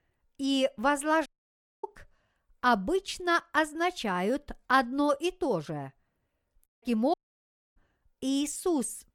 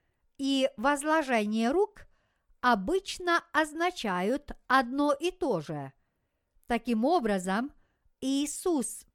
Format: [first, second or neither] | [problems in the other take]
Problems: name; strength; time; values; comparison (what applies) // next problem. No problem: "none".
second | audio cutting out; at 1.5 s for 0.5 s, at 6.5 s and at 7 s for 0.5 s